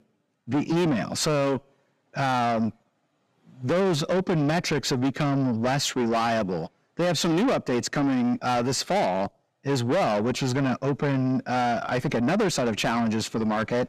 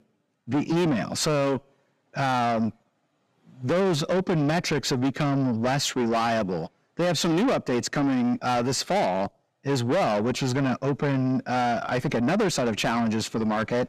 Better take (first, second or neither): neither